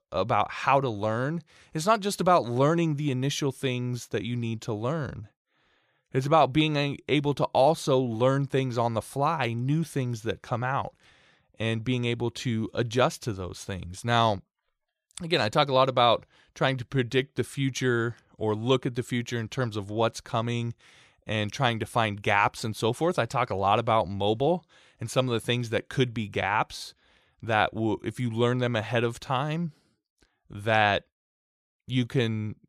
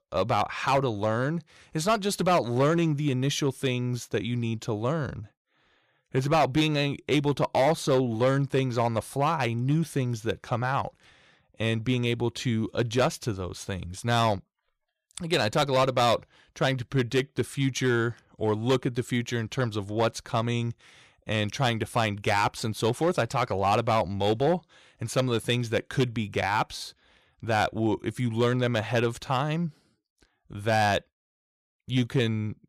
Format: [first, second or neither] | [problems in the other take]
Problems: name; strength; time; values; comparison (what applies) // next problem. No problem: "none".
first | distortion; slight; 4% of the sound clipped